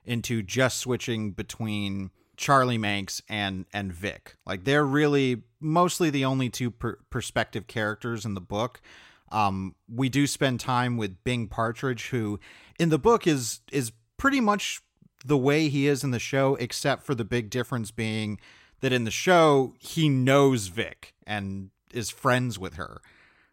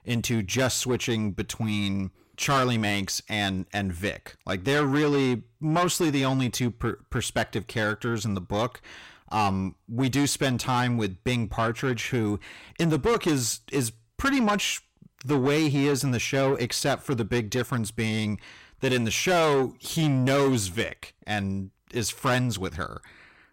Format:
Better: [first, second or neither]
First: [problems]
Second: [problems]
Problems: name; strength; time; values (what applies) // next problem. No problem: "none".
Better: first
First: none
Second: distortion; heavy; 8 dB below the speech